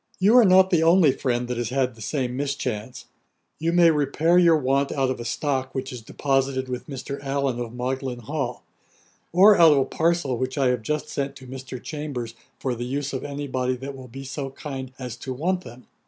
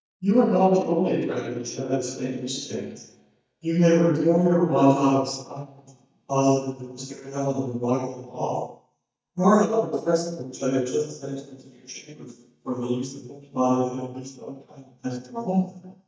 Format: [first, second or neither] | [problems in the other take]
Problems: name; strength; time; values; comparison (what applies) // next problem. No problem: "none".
first | noise reduction (neural mask model DeepFilterNet 3)